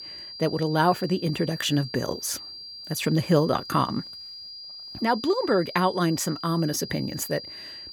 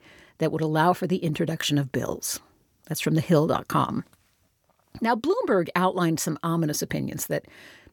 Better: second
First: high-pitched whine; noticeable; throughout; 5 kHz, 10 dB below the speech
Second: none

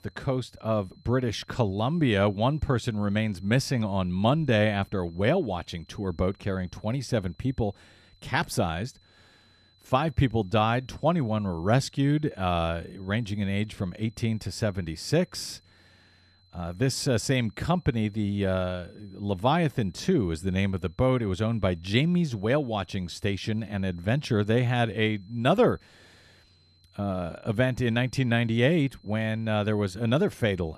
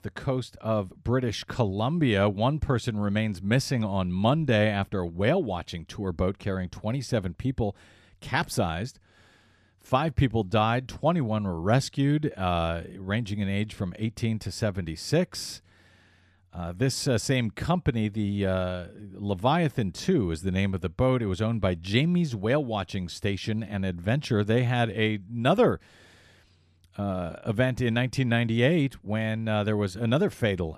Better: second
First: high-pitched whine; faint; throughout; 4 kHz, 35 dB below the speech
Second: none

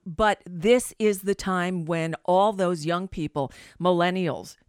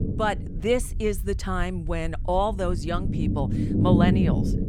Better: first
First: none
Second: low rumble; loud; throughout; 3 dB below the speech

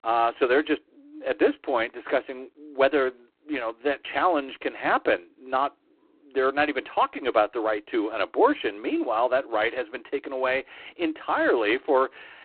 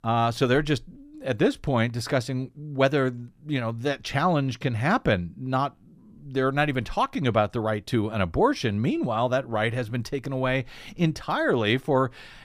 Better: second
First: phone-call audio; poor line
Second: none

